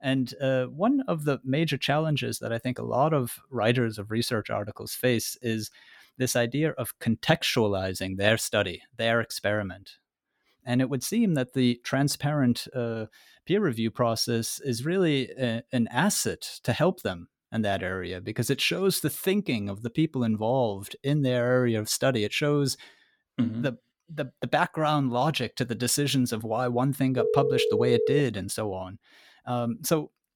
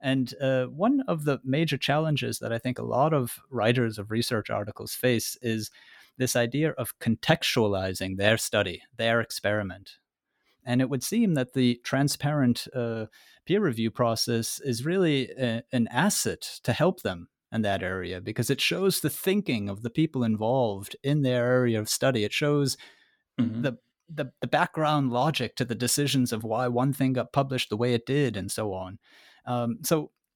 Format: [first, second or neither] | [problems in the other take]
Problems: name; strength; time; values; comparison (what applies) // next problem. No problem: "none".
second | phone ringing; loud; from 27 to 28 s; peak 1 dB above the speech